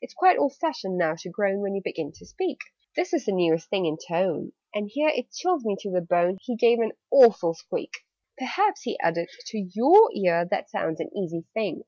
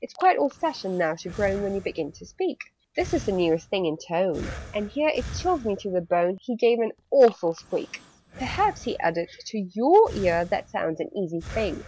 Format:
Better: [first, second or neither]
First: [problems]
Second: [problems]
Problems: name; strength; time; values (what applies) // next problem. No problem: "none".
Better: first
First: none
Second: background sound (Breathing); 17 dB below the speech